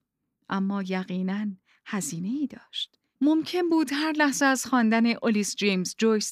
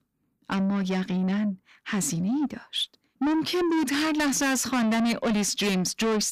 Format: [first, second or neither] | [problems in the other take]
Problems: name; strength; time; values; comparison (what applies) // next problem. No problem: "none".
first | distortion; heavy; 7 dB below the speech